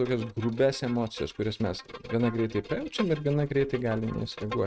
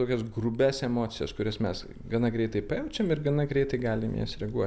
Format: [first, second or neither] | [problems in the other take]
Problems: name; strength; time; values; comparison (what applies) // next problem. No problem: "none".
second | noise reduction (neural mask model RNNoise)